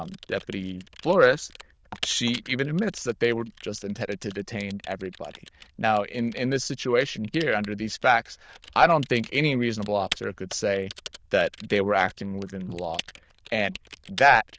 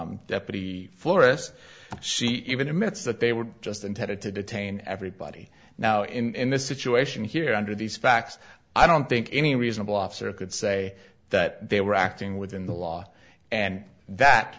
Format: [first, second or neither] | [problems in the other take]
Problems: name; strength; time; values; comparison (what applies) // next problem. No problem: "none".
second | noise reduction (neural diffusion model UNIVERSE++)